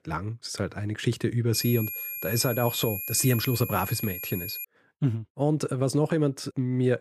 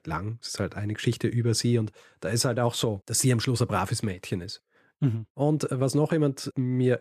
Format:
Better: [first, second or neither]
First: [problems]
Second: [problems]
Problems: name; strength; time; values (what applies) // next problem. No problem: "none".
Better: second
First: high-pitched whine; loud; from 1.5 to 4.5 s; 11.5 kHz, 6 dB below the speech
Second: none